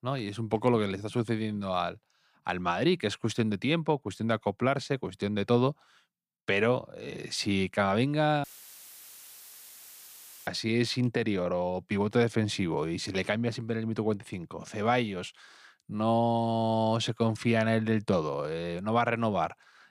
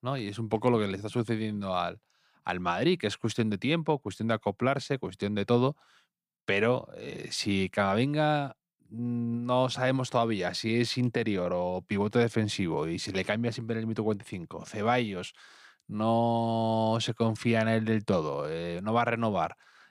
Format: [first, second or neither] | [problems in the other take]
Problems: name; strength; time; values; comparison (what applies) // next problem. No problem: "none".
second | audio cutting out; filled with static; at 8.5 s for 2 s